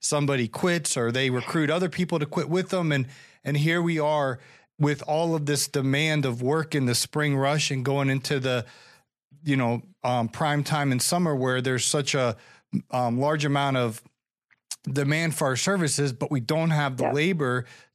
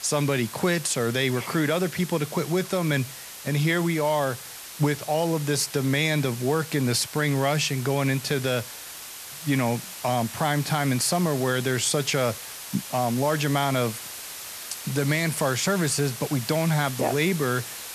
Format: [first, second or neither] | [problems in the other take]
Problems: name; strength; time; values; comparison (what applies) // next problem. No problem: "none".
first | hiss; noticeable; throughout; 10 dB below the speech